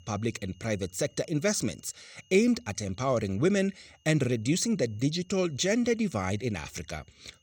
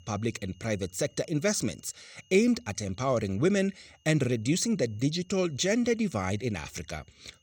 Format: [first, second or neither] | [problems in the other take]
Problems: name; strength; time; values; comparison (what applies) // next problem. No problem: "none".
neither | high-pitched whine; faint; throughout; 3 kHz, 35 dB below the speech; the same in both